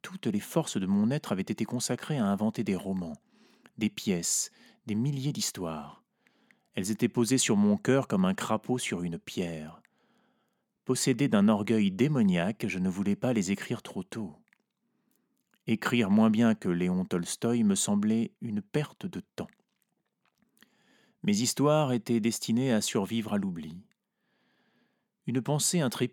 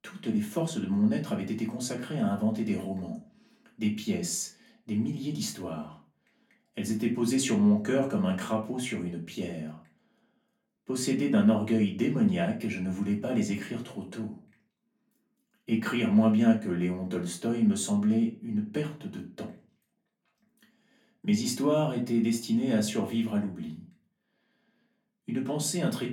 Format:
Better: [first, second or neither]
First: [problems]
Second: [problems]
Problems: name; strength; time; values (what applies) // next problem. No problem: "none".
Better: first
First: none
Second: off-mic speech; far // room echo; very slight; dies away in 0.3 s